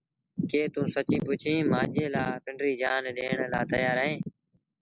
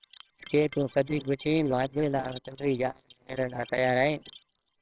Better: first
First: none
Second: noise reduction (neural separator model SepFormer WHAMR!)

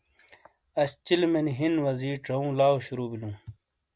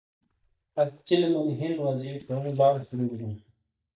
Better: first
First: none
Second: noise reduction (neural mask model DeepFilterNet 3)

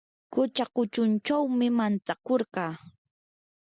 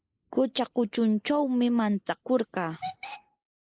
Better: first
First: none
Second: noise reduction (neural mask model Resemble Enhance denoiser)

